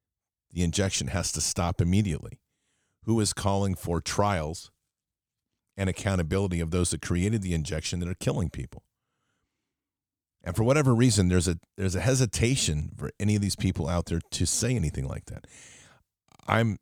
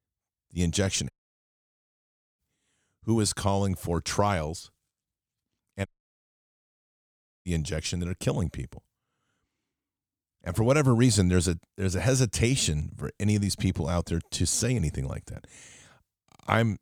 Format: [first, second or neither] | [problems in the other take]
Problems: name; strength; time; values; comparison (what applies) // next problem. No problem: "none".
first | audio cutting out; at 1 s for 1.5 s and at 6 s for 1.5 s